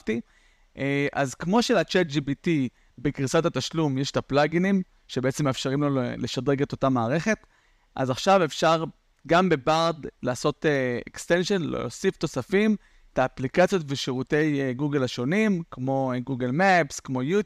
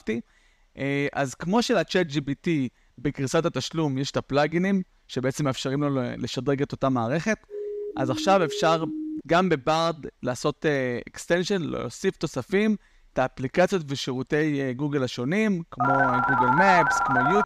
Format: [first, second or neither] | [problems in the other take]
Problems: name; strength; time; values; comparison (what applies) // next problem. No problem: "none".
first | siren; noticeable; from 7.5 to 9 s; peak 7 dB below the speech // phone ringing; loud; from 16 s on; peak 5 dB above the speech